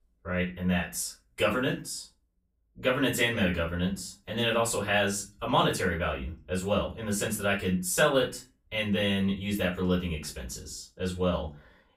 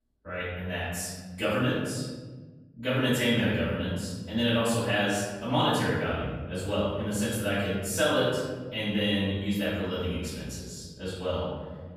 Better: first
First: room echo; slight; dies away in 0.3 s // off-mic speech; far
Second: room echo; strong; dies away in 1.8 s // off-mic speech; far

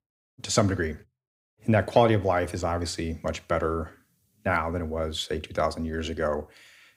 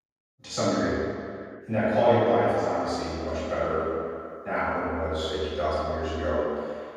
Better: first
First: none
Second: room echo; strong; dies away in 2.2 s // off-mic speech; far

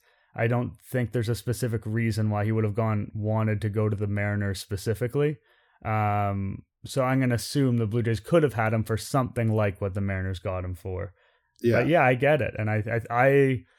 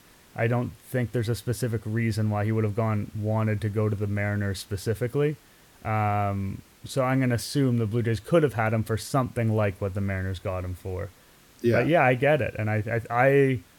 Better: first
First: none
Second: hiss; faint; throughout; 30 dB below the speech

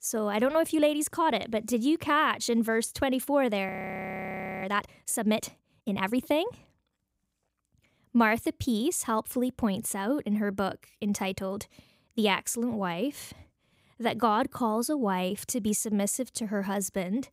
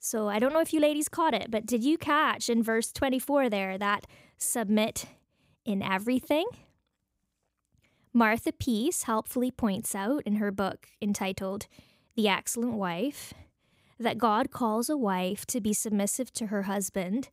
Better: second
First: audio freezing; at 3.5 s for 1 s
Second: none

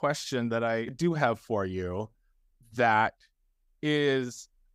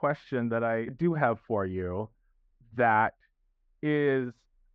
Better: first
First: none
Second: muffled; very; fading above 2 kHz

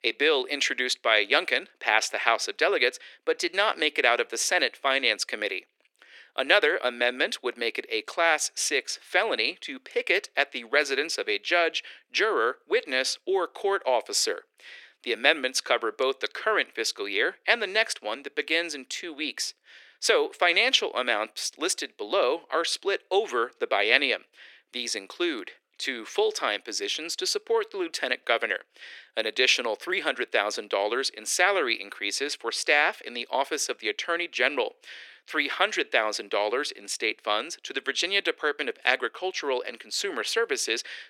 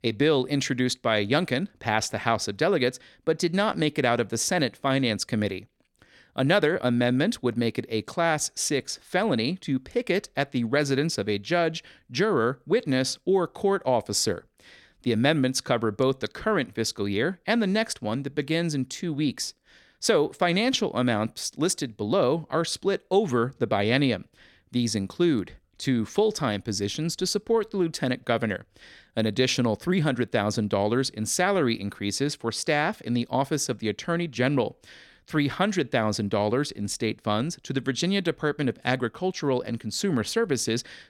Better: second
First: thin; very; fading below 350 Hz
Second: none

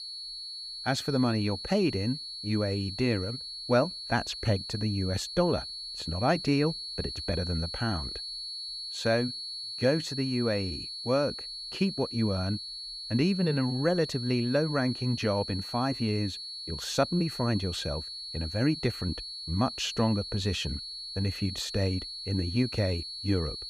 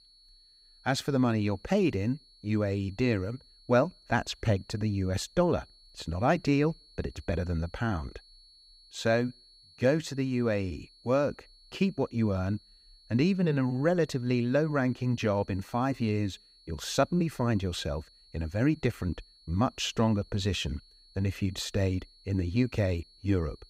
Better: second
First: high-pitched whine; loud; throughout; 4.5 kHz, 6 dB below the speech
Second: high-pitched whine; faint; throughout; 4.5 kHz, 25 dB below the speech

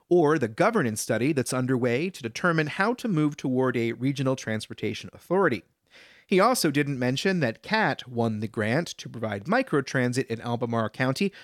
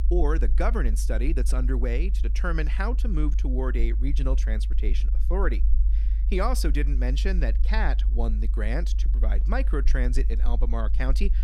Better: first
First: none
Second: low rumble; noticeable; throughout; 15 dB below the speech

